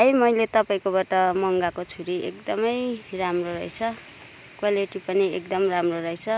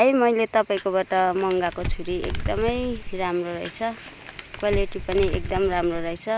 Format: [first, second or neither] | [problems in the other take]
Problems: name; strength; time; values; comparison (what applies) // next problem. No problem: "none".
first | background sound (Crumpling, crinkling); 7 dB below the speech